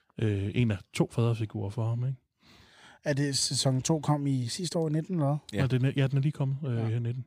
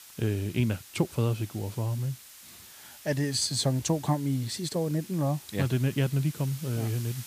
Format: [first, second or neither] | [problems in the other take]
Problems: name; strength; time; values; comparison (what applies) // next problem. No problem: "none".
first | hiss; noticeable; throughout; 15 dB below the speech